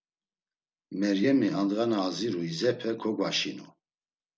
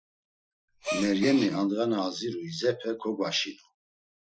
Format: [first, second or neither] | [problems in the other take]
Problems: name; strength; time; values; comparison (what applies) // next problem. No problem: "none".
first | noise reduction (classical method Wiener filter)